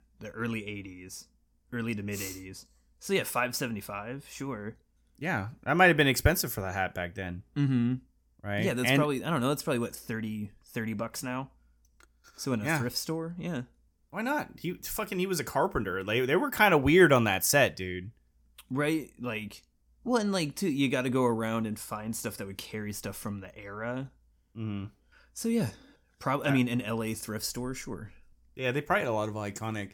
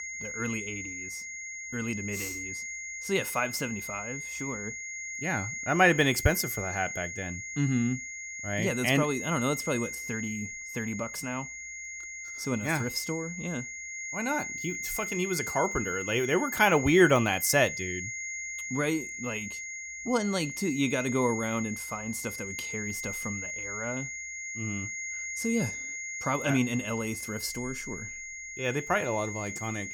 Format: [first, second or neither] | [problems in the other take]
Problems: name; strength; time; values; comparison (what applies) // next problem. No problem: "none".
first | high-pitched whine; loud; throughout; 2 kHz, 6 dB below the speech